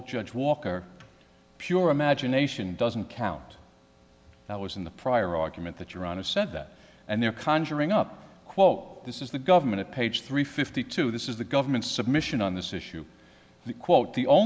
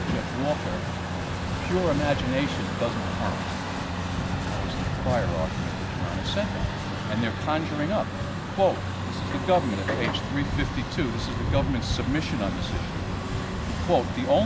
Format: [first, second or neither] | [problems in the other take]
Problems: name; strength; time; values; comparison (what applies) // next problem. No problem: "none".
first | background sound (Truck); 1 dB above the speech